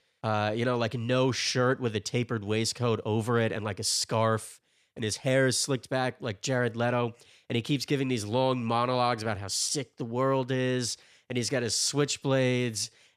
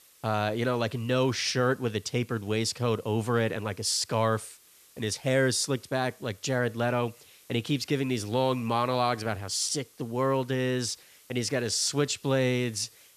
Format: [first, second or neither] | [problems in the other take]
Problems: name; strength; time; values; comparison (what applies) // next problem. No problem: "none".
first | hiss; faint; throughout; 25 dB below the speech